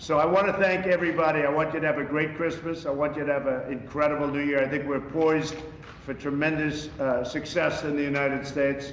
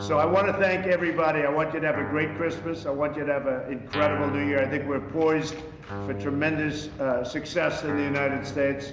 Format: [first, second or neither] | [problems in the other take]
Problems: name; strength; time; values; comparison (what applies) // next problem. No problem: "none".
first | background sound (Guitar); 11 dB below the speech